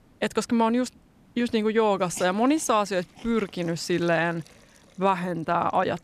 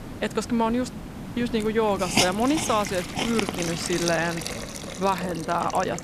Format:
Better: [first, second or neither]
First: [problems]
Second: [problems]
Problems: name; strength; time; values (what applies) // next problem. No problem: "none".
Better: first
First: hiss; faint; throughout; 25 dB below the speech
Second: hiss; loud; throughout; 4 dB below the speech